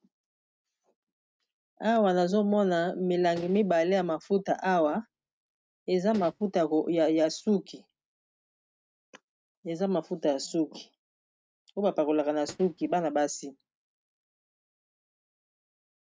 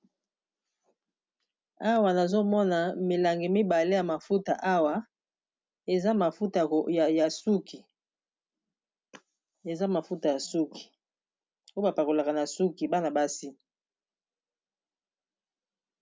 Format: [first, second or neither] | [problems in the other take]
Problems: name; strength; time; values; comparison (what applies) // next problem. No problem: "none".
second | noise reduction (neural mask model RNNoise)